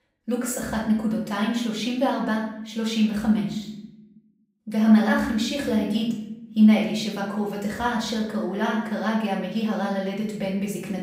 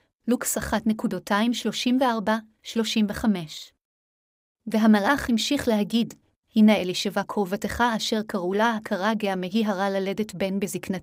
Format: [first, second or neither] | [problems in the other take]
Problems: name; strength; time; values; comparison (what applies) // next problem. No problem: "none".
second | off-mic speech; far // room echo; noticeable; dies away in 0.7 s